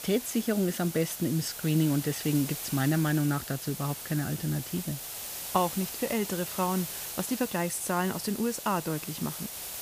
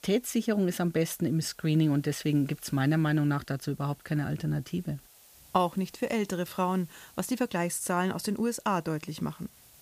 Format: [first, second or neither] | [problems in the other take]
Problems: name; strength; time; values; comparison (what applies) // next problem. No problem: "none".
second | hiss; loud; throughout; 7 dB below the speech; faint in the second